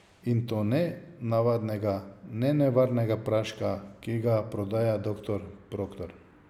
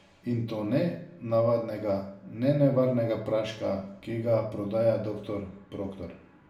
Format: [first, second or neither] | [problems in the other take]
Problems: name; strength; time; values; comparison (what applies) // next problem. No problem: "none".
first | room echo; dies away in 0.4 s